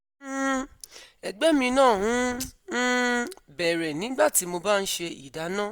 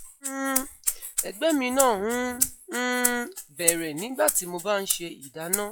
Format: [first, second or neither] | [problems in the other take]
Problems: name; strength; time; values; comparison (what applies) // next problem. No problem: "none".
first | noise reduction (classical method log-MMSE)